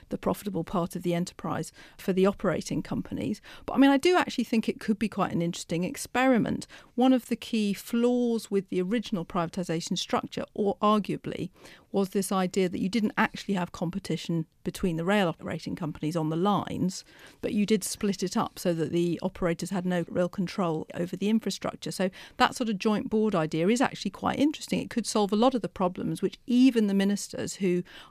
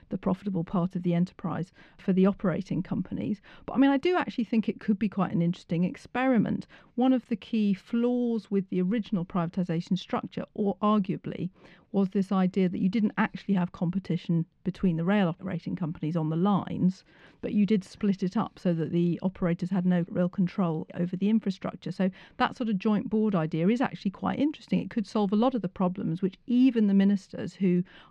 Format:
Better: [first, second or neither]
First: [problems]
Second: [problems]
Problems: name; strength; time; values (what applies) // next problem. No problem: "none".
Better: first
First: none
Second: muffled; slightly; fading above 3 kHz